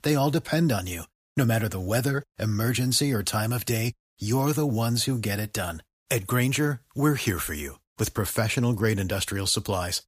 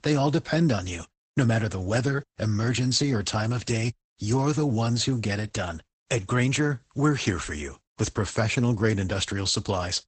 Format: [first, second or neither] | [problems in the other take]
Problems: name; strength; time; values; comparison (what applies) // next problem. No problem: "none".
first | garbled, watery; badly; nothing above 8 kHz